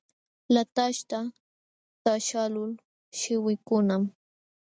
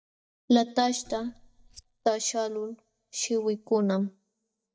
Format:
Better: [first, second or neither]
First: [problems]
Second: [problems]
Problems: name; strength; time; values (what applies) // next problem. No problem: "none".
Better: first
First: none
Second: noise reduction (neural mask model DeepFilterNet 3)